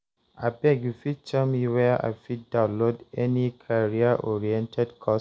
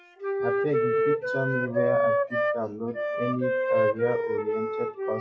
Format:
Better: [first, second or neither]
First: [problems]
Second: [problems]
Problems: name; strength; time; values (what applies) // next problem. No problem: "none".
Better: first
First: none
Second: noise reduction (classical method WPE with log-MMSE)